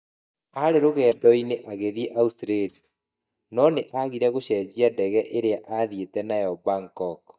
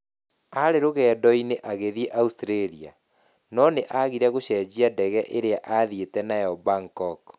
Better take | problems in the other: second | noise reduction (neural mask model DeepFilterNet 3)

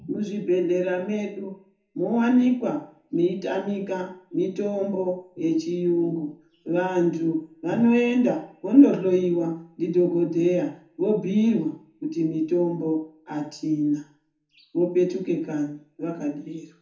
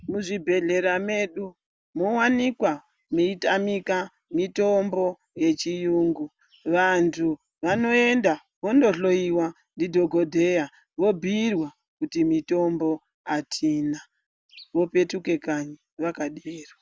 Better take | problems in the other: second | room echo; dies away in 0.7 s

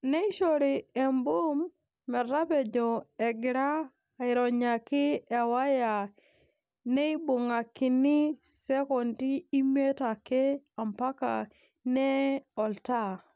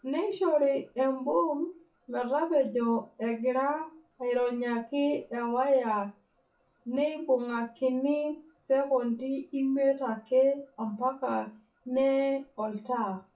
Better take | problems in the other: first | noise reduction (classical method WPE with log-MMSE)

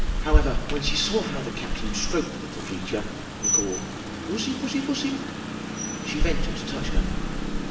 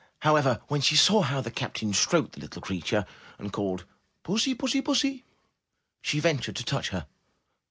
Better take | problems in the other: second | background sound (Rain); 4 dB above the speech // room echo; dies away in 0.8 s

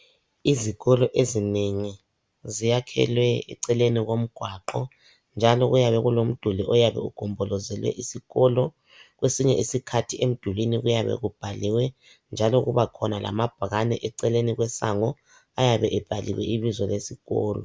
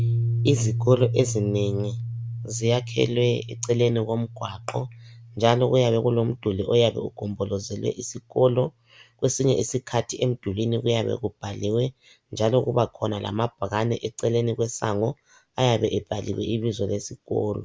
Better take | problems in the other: first | background sound (Piano); 9 dB below the speech

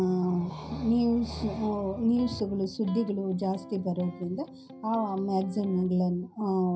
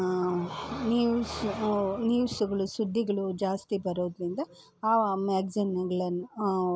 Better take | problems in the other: second | background sound (Electric guitar); 18 dB below the speech // room echo; dies away in 0.4 s

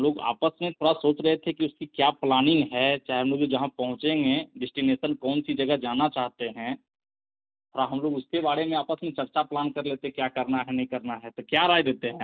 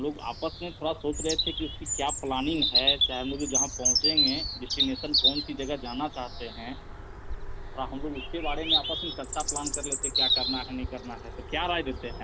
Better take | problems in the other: first | background sound (Bird vocalization, bird call, bird song); 3 dB above the speech

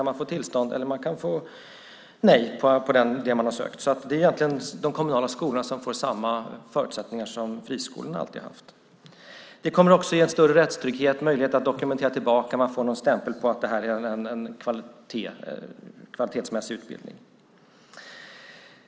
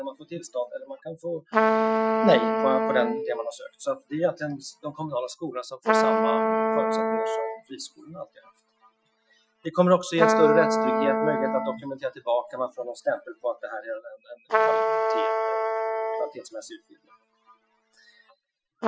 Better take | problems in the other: first | noise reduction (classical method Wiener filter)

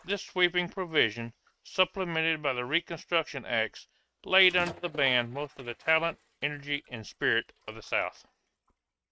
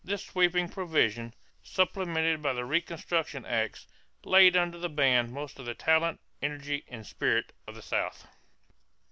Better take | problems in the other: second | noise reduction (neural mask model RNNoise)

